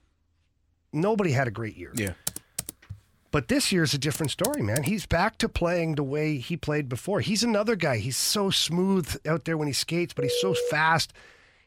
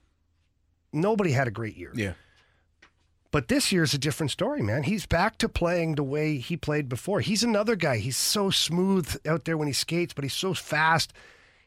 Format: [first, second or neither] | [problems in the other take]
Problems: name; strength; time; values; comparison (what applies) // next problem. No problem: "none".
second | keyboard typing; noticeable; from 2 to 5 s; peak 6 dB below the speech // phone ringing; noticeable; at 10 s; peak 2 dB below the speech